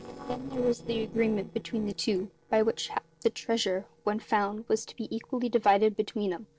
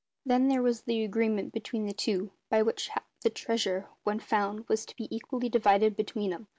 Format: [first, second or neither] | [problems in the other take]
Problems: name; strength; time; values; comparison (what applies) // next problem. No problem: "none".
second | noise reduction (neural separator model SepFormer DNS4)